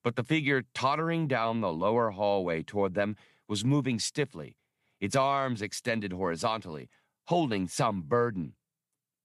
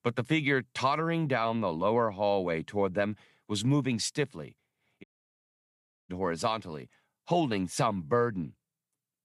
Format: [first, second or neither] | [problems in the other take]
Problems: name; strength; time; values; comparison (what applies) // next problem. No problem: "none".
first | audio cutting out; at 5 s for 1 s